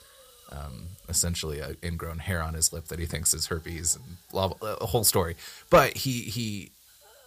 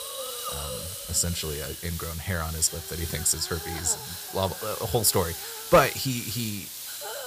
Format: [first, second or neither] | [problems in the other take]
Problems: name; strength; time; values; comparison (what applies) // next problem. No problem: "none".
first | hiss; loud; throughout; 8 dB below the speech; faint in the first